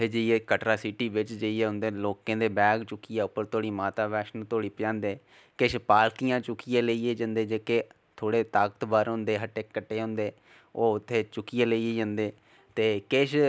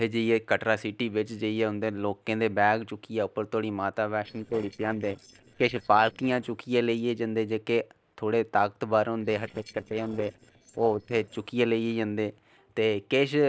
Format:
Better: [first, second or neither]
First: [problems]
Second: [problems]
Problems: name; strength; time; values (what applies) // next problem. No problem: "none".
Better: first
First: none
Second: noise reduction (neural separator model SepFormer DNS4)